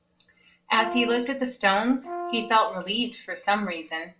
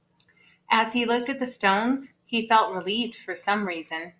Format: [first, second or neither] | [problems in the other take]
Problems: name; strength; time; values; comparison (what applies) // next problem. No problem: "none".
second | background sound (Brass instrument); 11 dB below the speech // room echo; dies away in 0.2 s